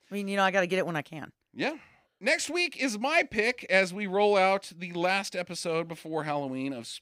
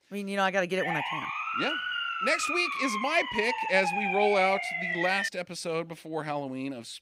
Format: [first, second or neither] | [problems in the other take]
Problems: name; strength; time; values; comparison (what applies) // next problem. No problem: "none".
first | siren; loud; from 1 to 5.5 s; peak 1 dB above the speech